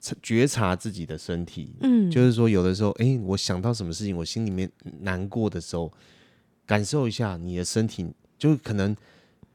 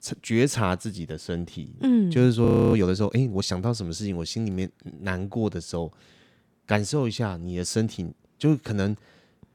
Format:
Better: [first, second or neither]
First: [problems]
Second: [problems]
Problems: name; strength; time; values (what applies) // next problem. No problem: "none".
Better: first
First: none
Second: audio freezing; at 2.5 s